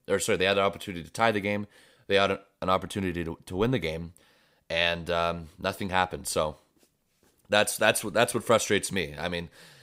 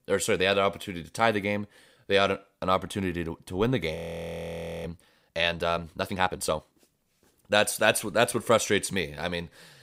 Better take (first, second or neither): first